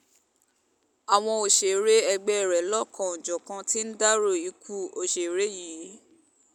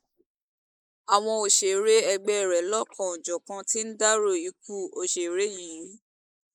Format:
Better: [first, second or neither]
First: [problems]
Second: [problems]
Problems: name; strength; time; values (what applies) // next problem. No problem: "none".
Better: first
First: none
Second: noise reduction (neural mask model Resemble Enhance denoiser)